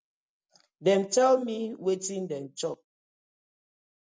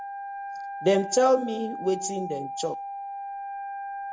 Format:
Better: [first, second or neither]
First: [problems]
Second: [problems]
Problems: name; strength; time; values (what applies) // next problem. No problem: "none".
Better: first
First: none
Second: background sound (Wind instrument, woodwind instrument); 7 dB below the speech